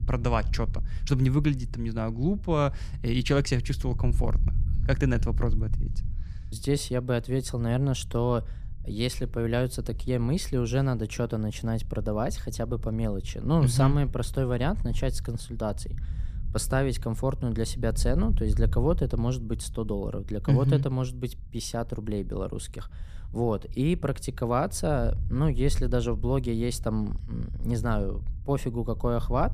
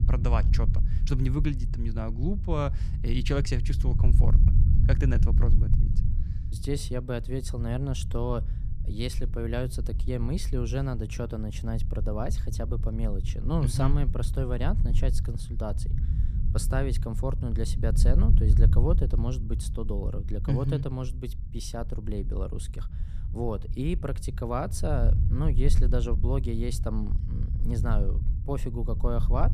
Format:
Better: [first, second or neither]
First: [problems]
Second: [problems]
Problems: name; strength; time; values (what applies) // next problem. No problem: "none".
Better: first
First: low rumble; faint; throughout; 20 dB below the speech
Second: low rumble; loud; throughout; 9 dB below the speech